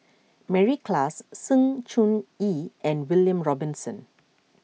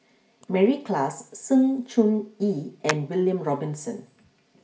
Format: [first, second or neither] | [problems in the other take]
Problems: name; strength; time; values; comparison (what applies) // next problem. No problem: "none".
first | background sound (Hands); 17 dB below the speech // room echo; dies away in 0.4 s